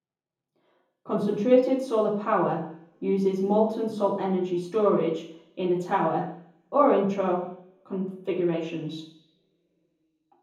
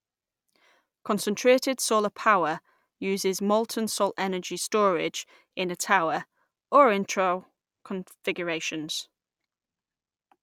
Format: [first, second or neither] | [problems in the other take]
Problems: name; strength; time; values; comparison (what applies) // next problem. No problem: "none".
second | room echo; dies away in 0.7 s